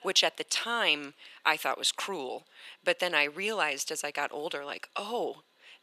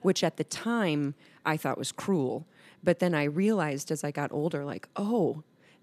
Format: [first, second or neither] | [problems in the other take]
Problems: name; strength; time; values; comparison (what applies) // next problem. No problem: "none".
second | thin; very; fading below 700 Hz